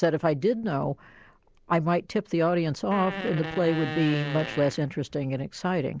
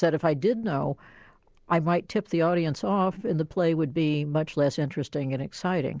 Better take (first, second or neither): second